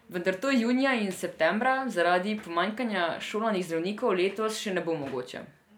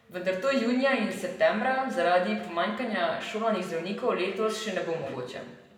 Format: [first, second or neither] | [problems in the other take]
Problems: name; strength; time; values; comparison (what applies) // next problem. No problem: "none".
first | room echo; dies away in 1.1 s